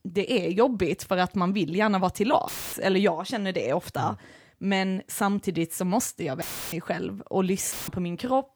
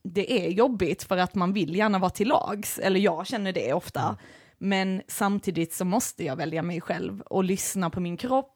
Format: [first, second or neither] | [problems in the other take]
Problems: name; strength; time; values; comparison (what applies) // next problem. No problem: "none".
second | audio cutting out; filled with static; at 2.5 s, at 6.5 s and at 7.5 s